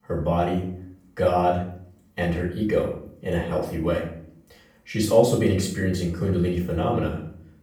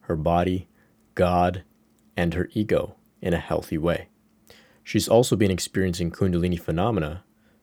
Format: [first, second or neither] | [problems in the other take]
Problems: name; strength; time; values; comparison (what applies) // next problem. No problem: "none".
second | off-mic speech; far // room echo; noticeable; dies away in 0.5 s